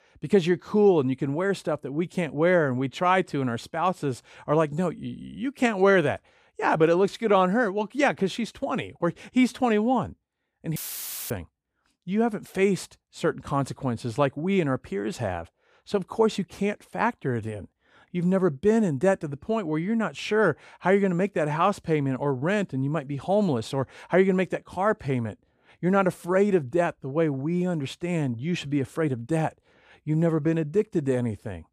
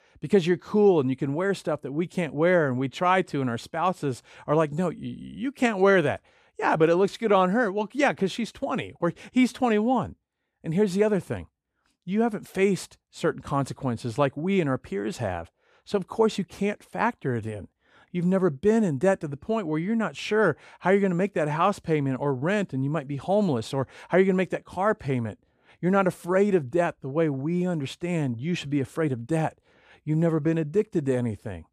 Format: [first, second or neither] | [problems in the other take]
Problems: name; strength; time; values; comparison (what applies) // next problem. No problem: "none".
second | audio cutting out; filled with static; at 11 s for 0.5 s